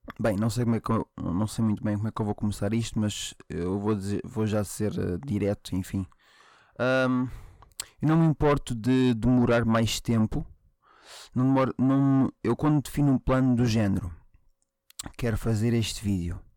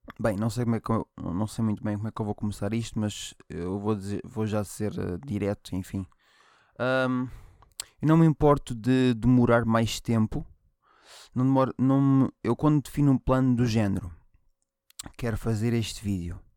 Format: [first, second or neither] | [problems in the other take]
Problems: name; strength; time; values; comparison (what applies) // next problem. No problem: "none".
second | distortion; slight; 10 dB below the speech